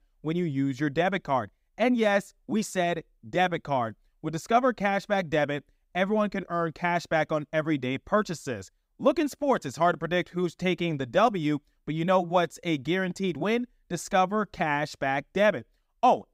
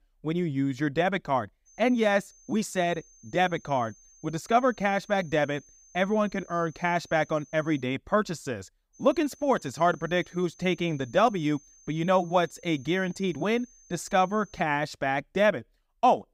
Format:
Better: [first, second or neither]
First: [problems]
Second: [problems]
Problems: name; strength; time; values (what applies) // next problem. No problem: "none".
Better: first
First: none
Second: high-pitched whine; faint; from 1.5 to 8 s and from 9 to 15 s; 6.5 kHz, 25 dB below the speech